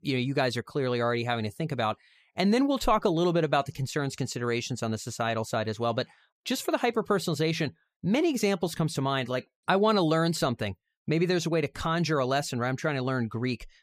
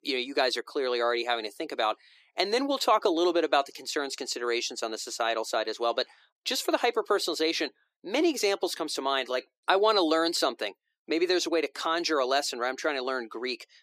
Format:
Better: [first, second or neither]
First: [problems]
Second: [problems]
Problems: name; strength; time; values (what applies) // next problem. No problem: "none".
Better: first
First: none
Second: thin; somewhat; fading below 300 Hz